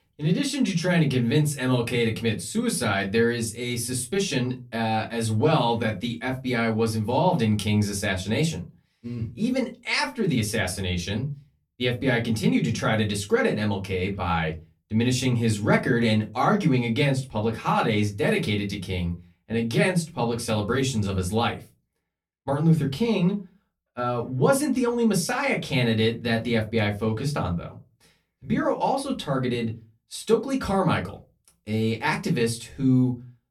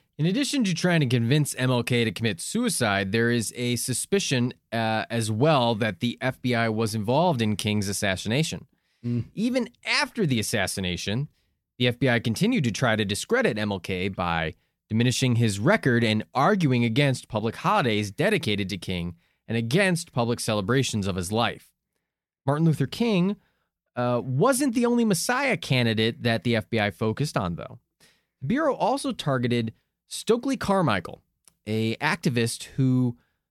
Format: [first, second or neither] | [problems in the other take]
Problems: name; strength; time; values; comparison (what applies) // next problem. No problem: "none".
second | off-mic speech; somewhat distant // room echo; very slight; dies away in 0.2 s